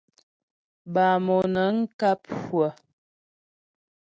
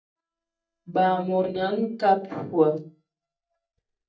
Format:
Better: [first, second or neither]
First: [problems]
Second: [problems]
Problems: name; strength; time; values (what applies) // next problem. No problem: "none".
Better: first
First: none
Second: noise reduction (neural mask model DeepFilterNet 3)